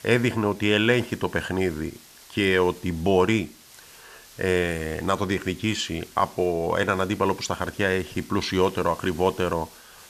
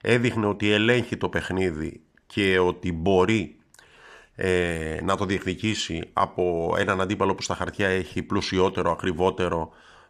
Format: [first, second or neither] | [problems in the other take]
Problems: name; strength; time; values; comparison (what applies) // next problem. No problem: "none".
second | hiss; faint; throughout; 20 dB below the speech